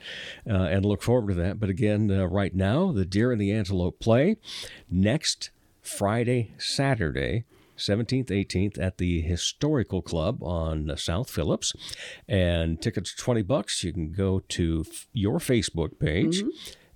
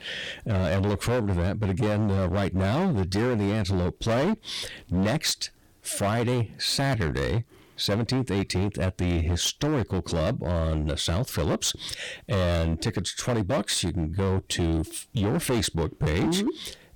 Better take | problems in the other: first | distortion; heavy; 20% of the sound clipped

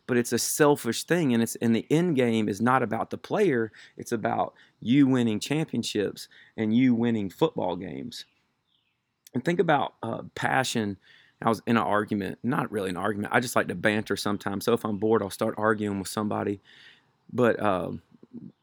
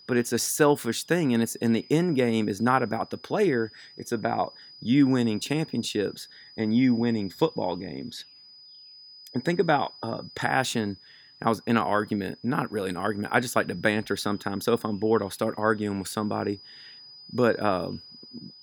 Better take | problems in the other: first | high-pitched whine; faint; throughout; 5 kHz, 20 dB below the speech

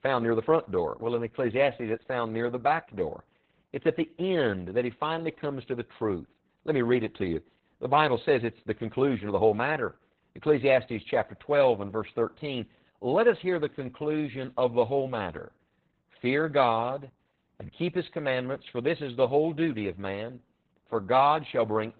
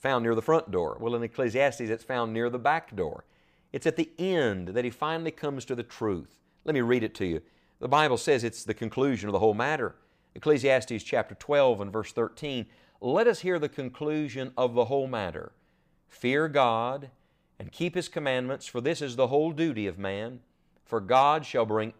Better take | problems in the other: second | garbled, watery; badly; nothing above 4 kHz

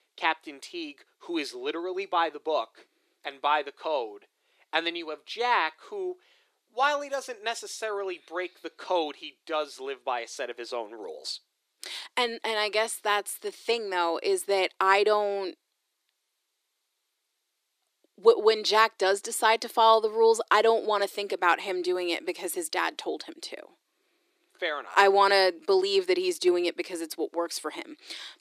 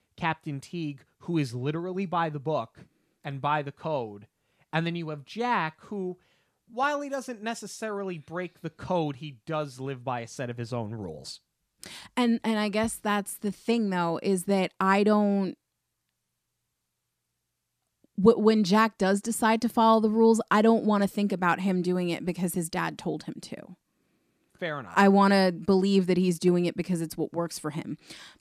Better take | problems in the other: second | thin; very; fading below 350 Hz

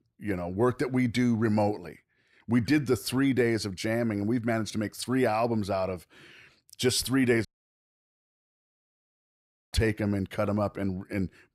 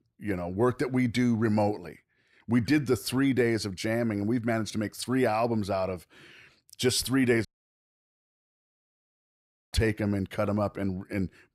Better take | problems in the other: neither | audio cutting out; at 7.5 s for 2.5 s; the same in both

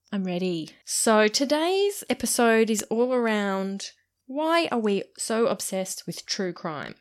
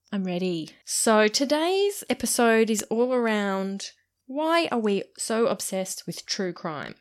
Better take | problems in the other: neither | none

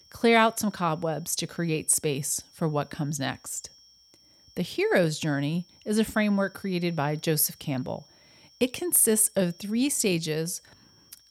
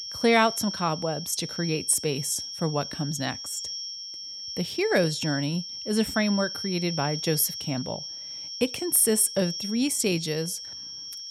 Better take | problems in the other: first | high-pitched whine; loud; throughout; 5.5 kHz, 7 dB below the speech; faint in the first

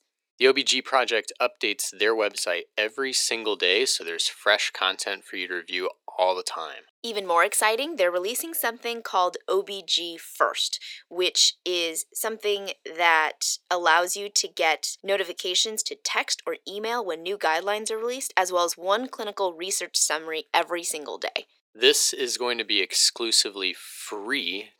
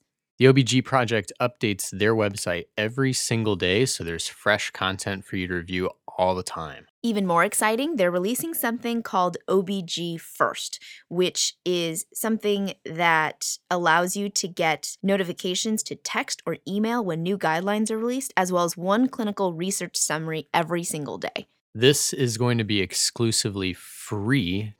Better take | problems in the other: second | thin; very; fading below 350 Hz

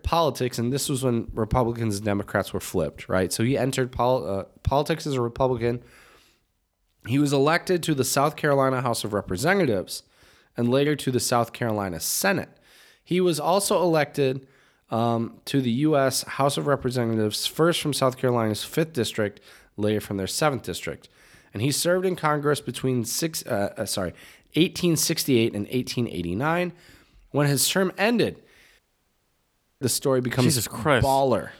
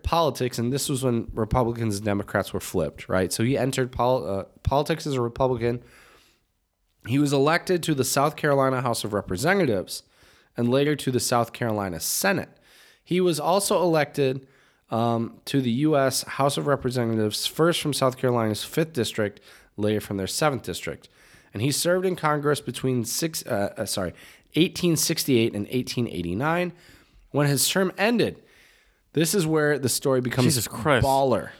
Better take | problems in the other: second | audio cutting out; at 29 s for 1 s

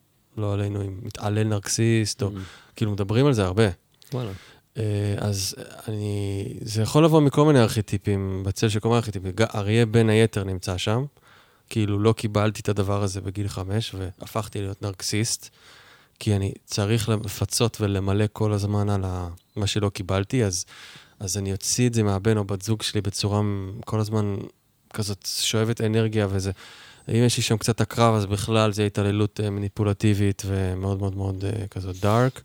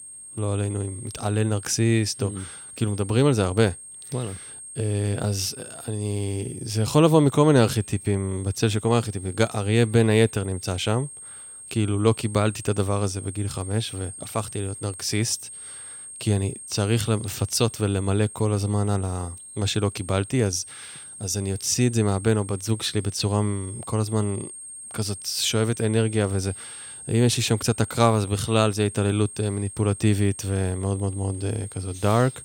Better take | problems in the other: first | high-pitched whine; noticeable; throughout; 8.5 kHz, 15 dB below the speech

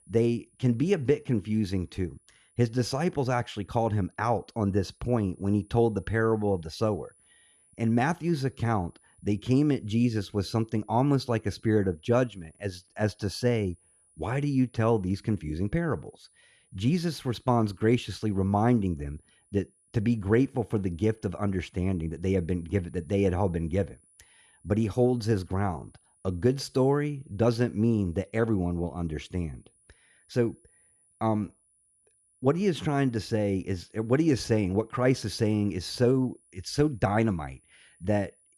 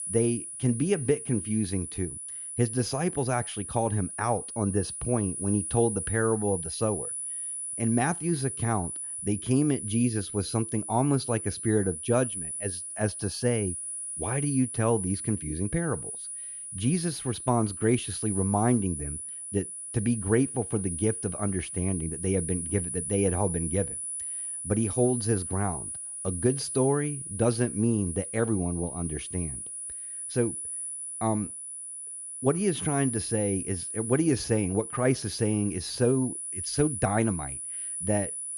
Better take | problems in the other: first | high-pitched whine; loud; throughout; 10 kHz, 5 dB below the speech; faint in the first

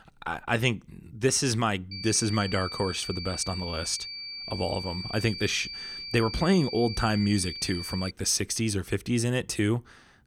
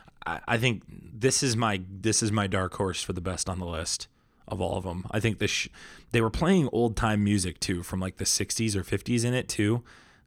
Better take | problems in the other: second | high-pitched whine; loud; from 2 to 8 s; 4.5 kHz, 8 dB below the speech

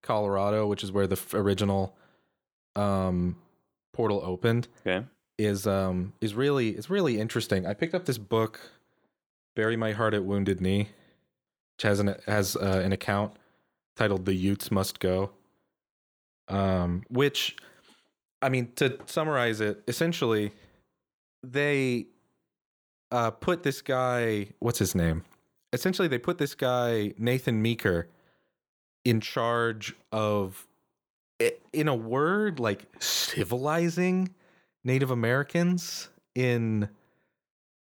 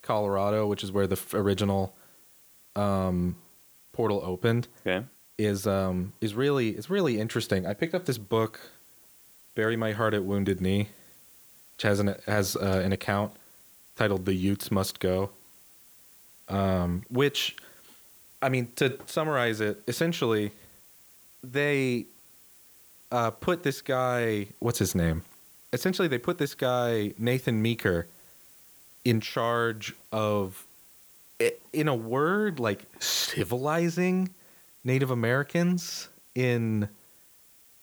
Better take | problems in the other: first | hiss; faint; throughout; 25 dB below the speech

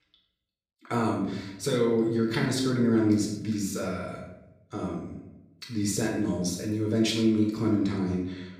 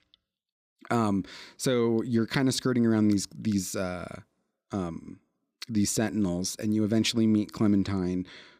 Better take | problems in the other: second | off-mic speech; far // room echo; noticeable; dies away in 0.7 s

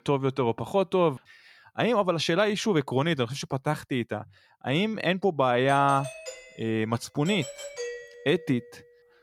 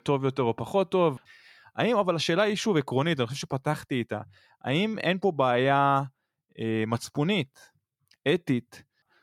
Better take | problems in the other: second | doorbell; noticeable; from 5.5 to 8.5 s; peak 10 dB below the speech

